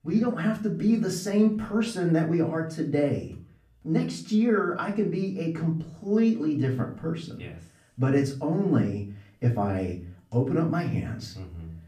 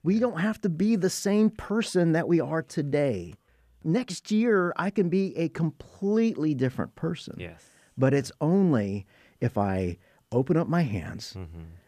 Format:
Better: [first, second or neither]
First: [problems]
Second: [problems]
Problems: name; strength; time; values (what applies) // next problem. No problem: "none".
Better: second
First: off-mic speech; far // room echo; slight; dies away in 0.4 s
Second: none